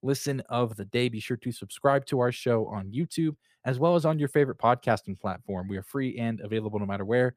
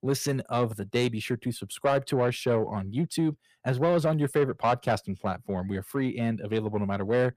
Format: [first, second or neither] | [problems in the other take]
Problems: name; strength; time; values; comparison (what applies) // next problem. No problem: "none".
first | distortion; slight; 10 dB below the speech